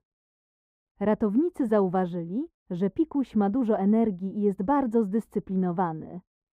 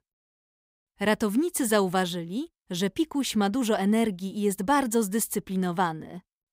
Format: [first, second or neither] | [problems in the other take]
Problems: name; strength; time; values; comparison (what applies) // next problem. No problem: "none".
second | muffled; very; fading above 2 kHz